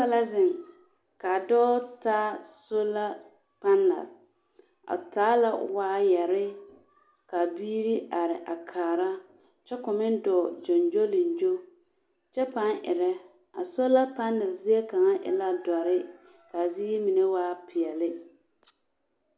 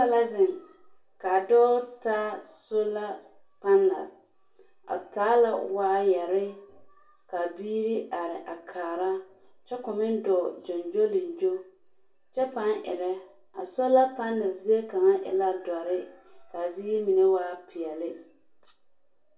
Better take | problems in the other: first | room echo; dies away in 0.2 s

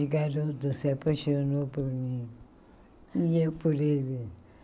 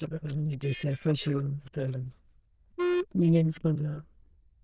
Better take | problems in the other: first | noise reduction (neural diffusion model UNIVERSE++)

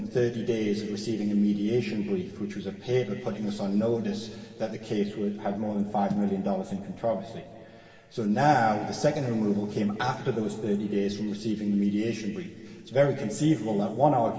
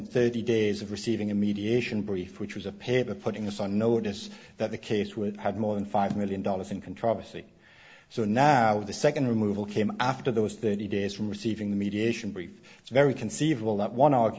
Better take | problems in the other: second | room echo; dies away in 2.4 s

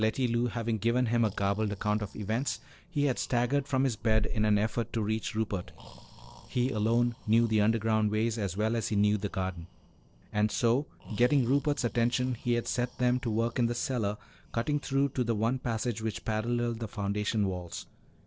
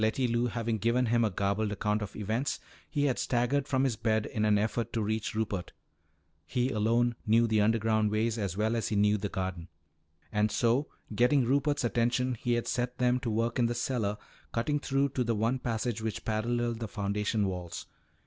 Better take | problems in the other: second | noise reduction (neural separator model SepFormer DNS4)

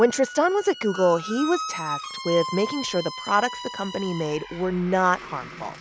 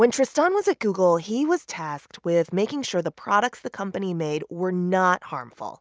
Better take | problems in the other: second | background sound (Squeak); 11 dB below the speech

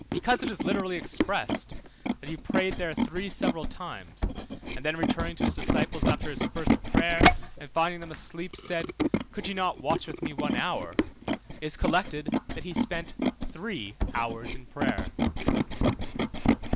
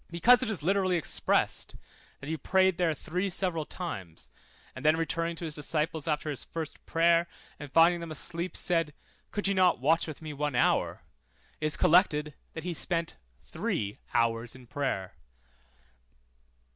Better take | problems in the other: second | background sound (Tools); 4 dB above the speech

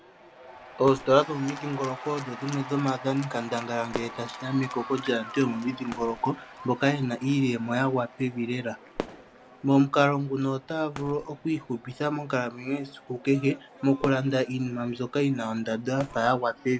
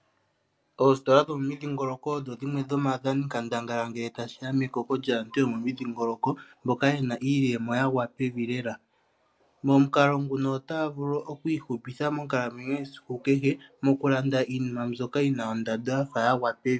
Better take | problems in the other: second | background sound (Applause / Cheering + Fireworks); 15 dB below the speech

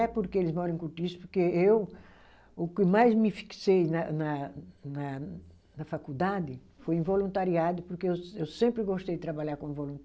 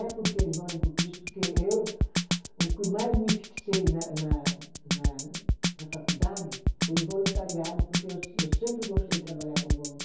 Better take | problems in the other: first | background sound (Drum kit); 4 dB above the speech // room echo; dies away in 0.6 s

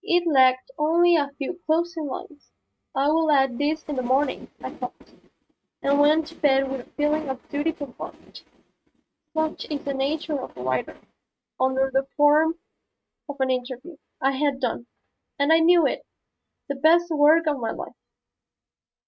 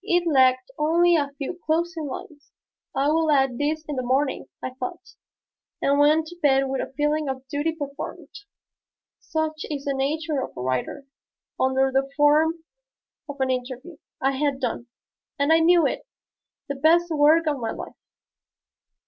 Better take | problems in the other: second | noise reduction (neural mask model RNNoise)

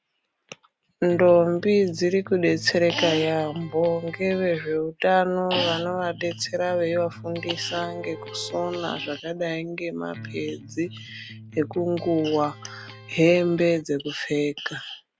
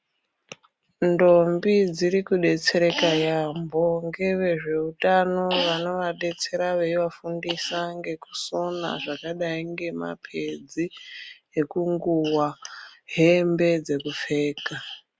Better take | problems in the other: second | background sound (Vehicle horn, car horn, honking + Electric guitar); 17 dB below the speech

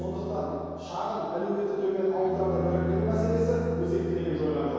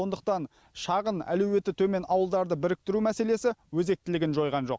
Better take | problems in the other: second | background sound (Bowed string instrument); 5 dB below the speech // room echo; dies away in 2.2 s

